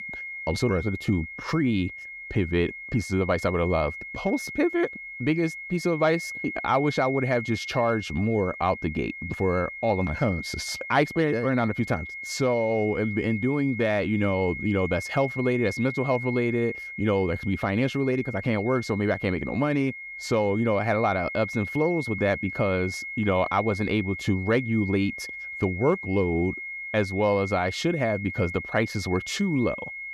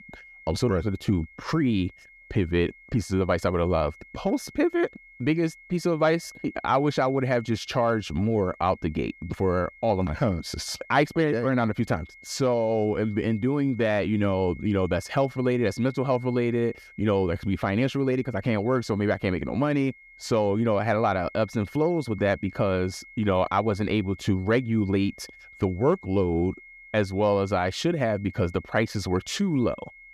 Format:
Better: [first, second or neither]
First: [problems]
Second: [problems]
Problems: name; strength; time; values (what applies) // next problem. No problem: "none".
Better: second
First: high-pitched whine; loud; throughout; 2 kHz, 9 dB below the speech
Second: high-pitched whine; faint; throughout; 2 kHz, 20 dB below the speech